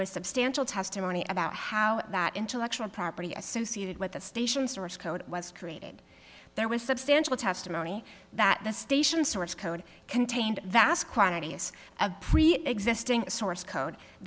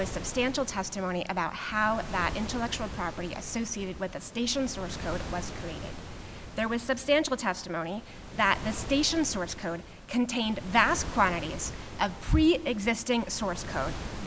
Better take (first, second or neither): first